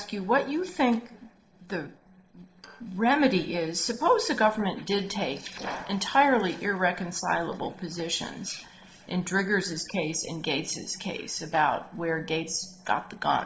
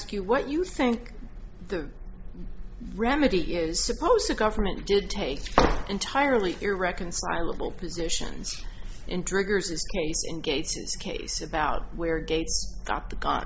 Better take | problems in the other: second | noise reduction (neural separator model SepFormer DNS4)

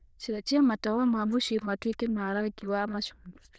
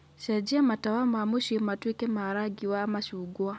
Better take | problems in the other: second | noise reduction (neural diffusion model UNIVERSE++)

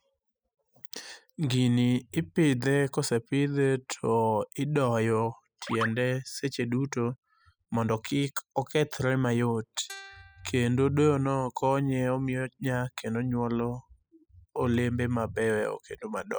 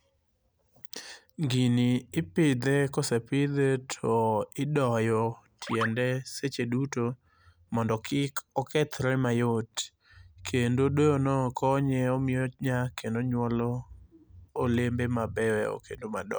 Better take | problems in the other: second | noise reduction (classical method spectral subtraction)

